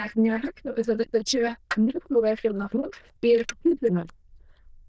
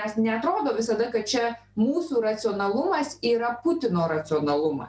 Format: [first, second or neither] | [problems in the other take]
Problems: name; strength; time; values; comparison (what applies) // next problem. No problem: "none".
second | noise reduction (neural diffusion model UNIVERSE++)